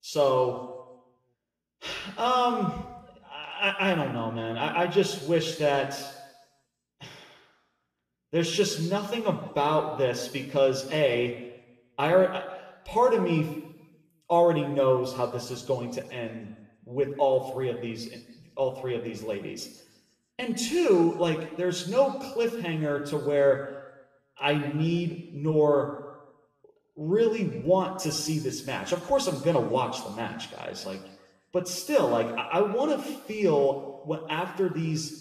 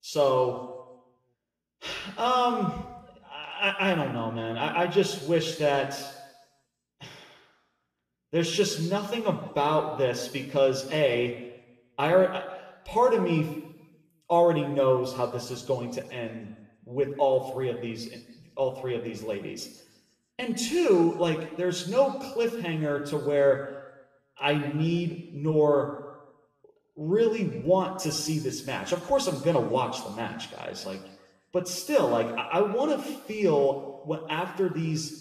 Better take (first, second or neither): neither